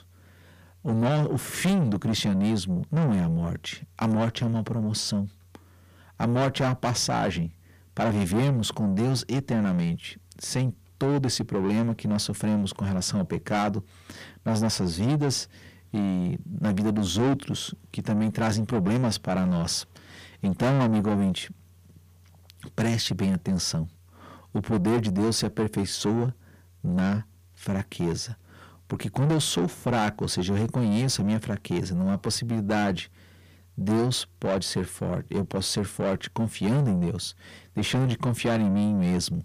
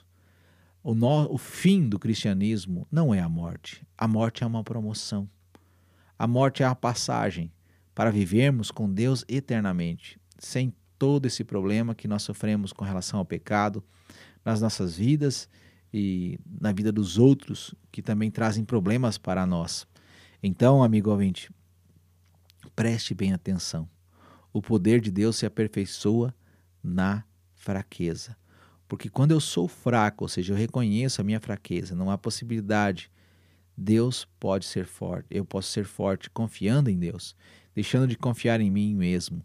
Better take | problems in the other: second | distortion; heavy; 7 dB below the speech

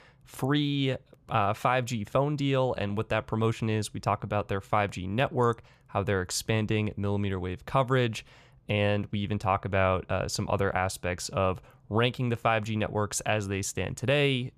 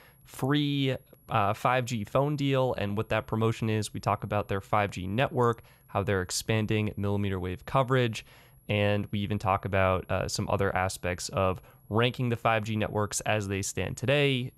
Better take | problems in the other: first | high-pitched whine; faint; throughout; 11.5 kHz, 35 dB below the speech

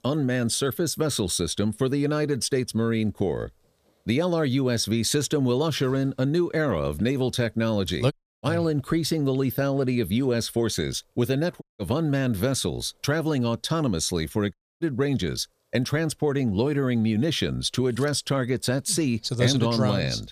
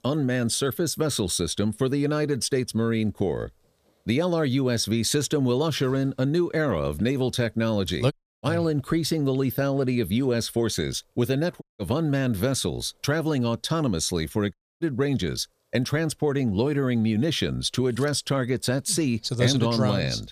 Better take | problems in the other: neither | audio cutting out; at 8 s, at 12 s and at 15 s; the same in both

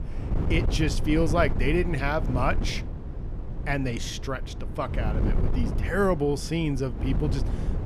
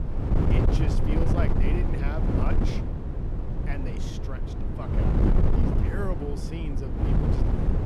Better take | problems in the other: first | wind noise on the microphone; heavy; 4 dB above the speech; occasional gusts in the first

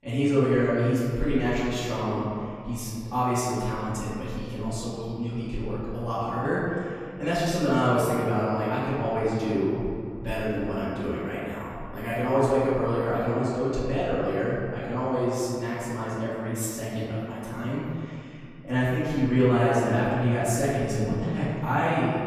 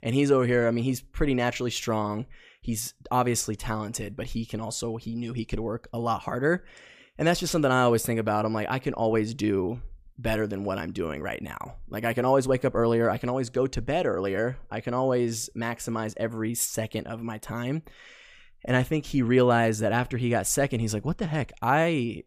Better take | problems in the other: second | room echo; strong; dies away in 2.3 s // off-mic speech; far

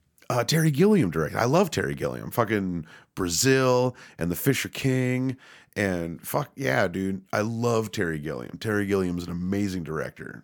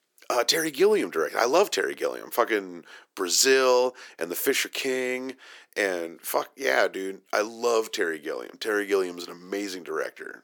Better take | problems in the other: first | thin; somewhat; fading below 350 Hz

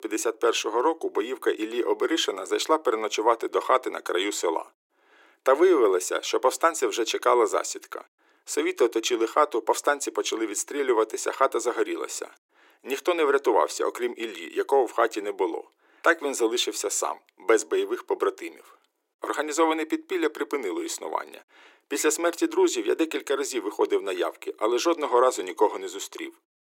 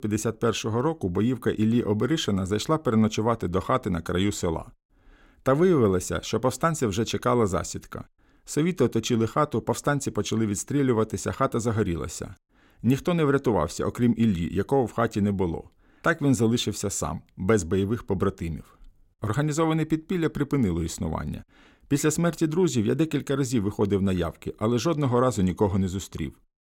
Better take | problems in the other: second | thin; very; fading below 350 Hz

